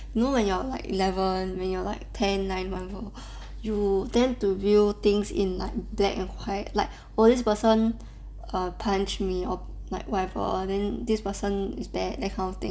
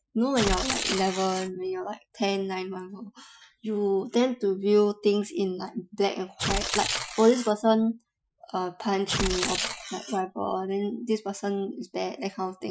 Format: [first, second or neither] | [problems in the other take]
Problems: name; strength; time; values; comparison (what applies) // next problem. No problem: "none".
first | noise reduction (classical method Wiener filter)